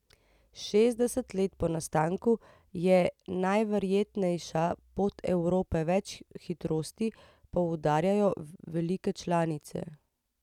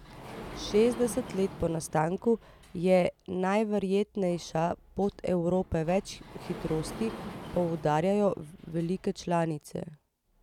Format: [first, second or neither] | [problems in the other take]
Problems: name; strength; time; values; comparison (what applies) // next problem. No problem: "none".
first | background sound (Sliding door); 16 dB below the speech